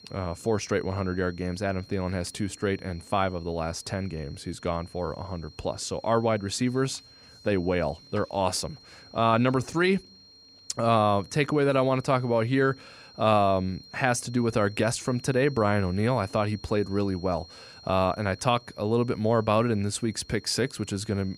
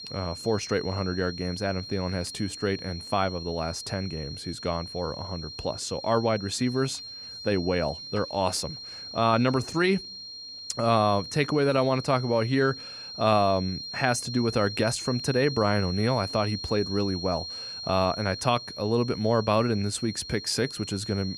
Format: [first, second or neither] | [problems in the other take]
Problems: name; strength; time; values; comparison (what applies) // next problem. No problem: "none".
first | high-pitched whine; loud; throughout; 4 kHz, 9 dB below the speech; faint in the first